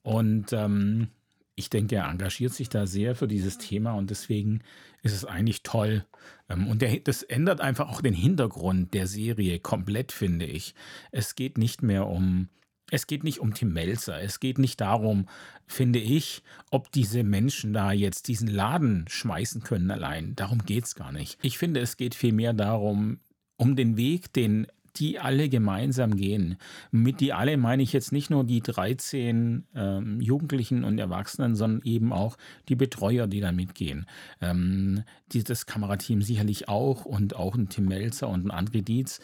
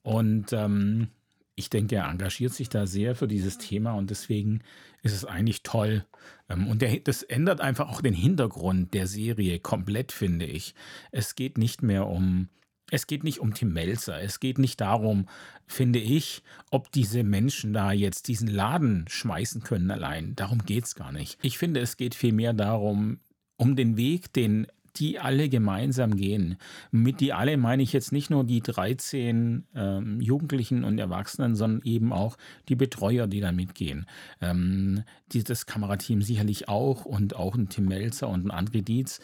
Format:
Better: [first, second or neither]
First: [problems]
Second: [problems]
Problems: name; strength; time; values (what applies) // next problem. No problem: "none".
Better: neither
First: none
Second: none